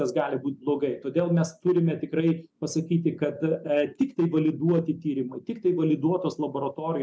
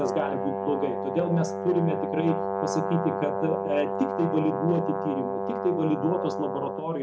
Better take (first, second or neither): first